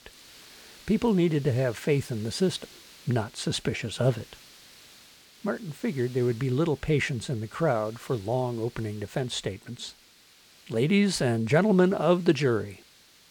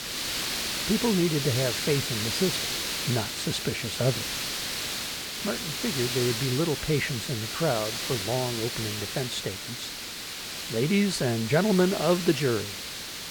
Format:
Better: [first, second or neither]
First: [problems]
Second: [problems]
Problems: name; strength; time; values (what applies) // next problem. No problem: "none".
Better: first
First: hiss; faint; throughout; 25 dB below the speech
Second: hiss; loud; throughout; 2 dB below the speech